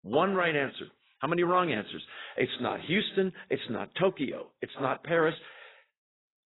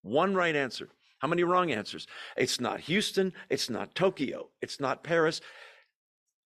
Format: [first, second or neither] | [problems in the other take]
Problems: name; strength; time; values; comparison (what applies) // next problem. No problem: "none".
second | garbled, watery; badly; nothing above 4 kHz